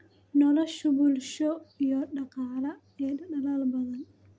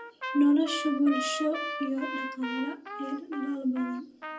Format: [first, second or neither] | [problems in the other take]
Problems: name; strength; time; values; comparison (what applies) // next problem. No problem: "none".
first | background sound (Trumpet); 8 dB below the speech // room echo; dies away in 0.2 s